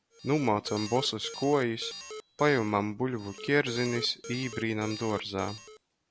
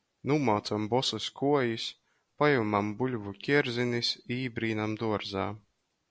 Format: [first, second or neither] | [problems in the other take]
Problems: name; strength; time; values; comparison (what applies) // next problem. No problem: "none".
second | background sound (Alarm); 13 dB below the speech